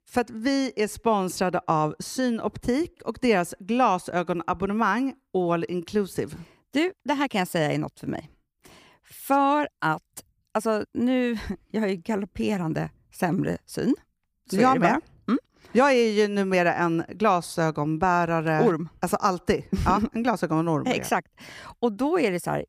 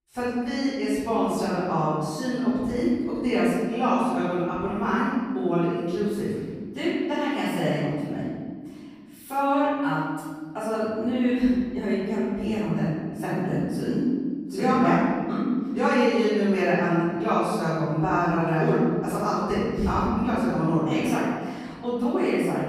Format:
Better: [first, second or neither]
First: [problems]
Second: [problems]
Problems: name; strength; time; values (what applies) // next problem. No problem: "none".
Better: first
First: none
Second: off-mic speech; far // room echo; strong; dies away in 1.7 s